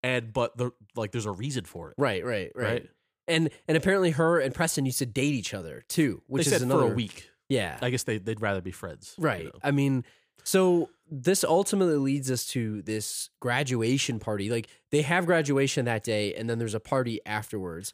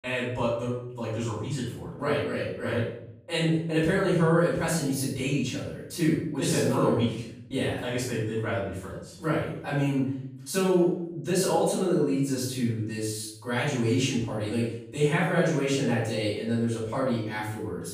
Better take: first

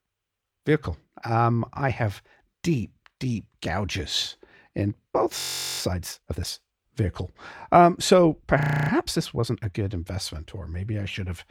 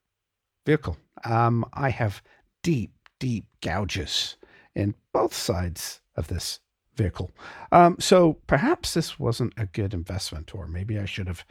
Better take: second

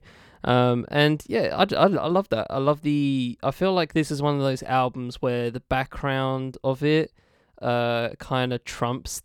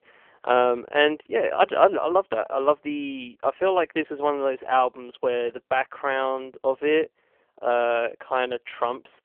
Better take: first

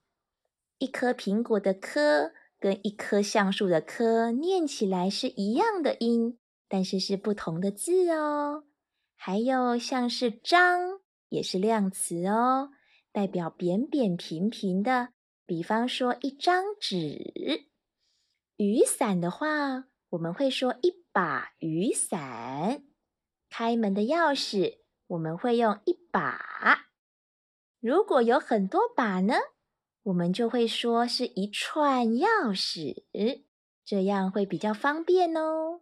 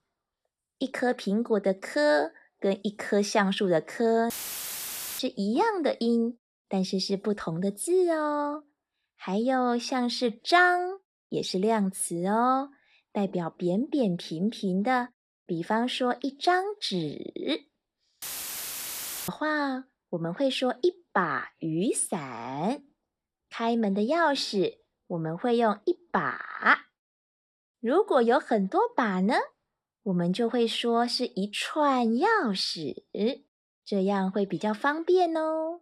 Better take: first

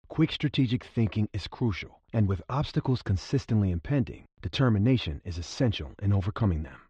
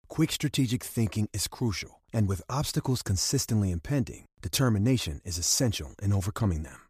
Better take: second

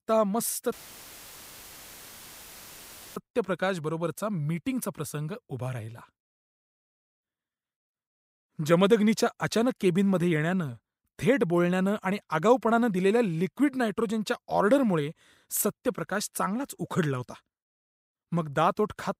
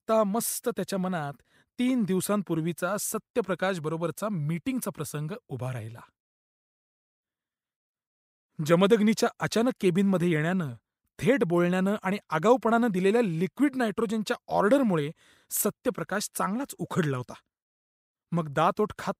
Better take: second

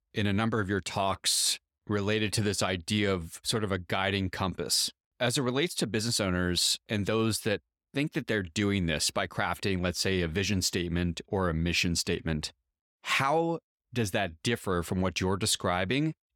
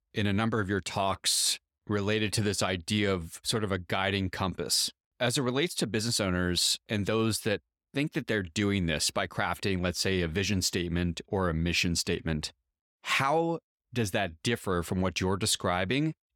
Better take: neither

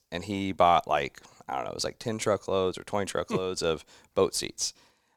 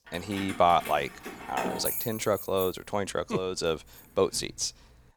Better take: first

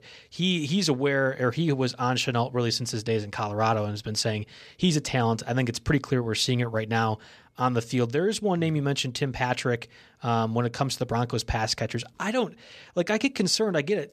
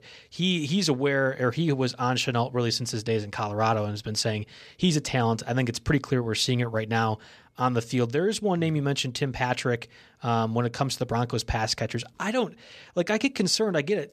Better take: neither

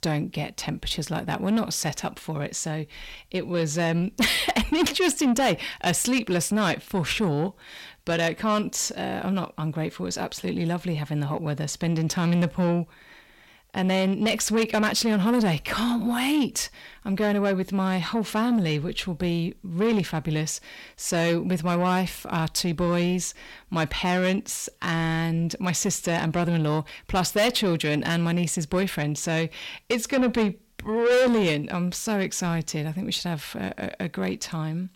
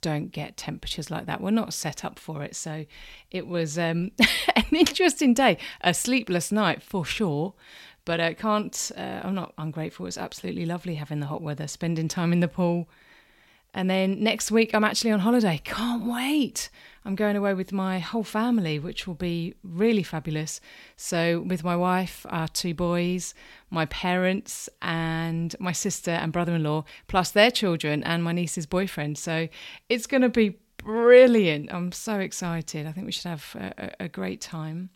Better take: second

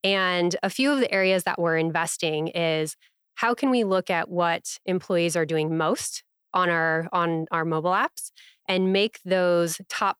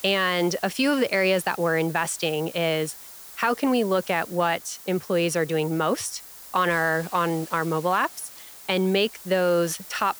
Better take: first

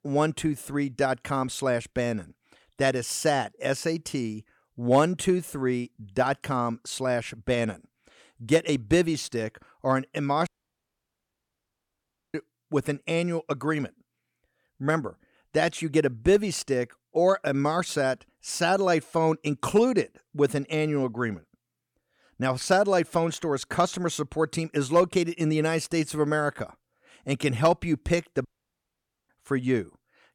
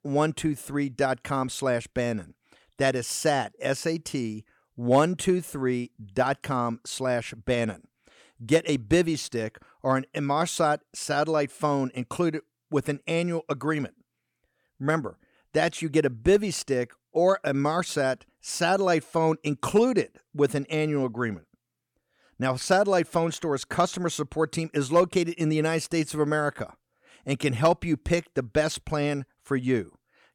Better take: second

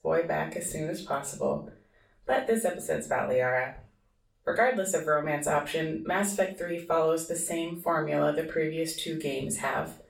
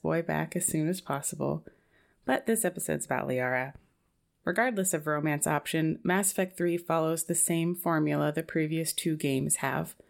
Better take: second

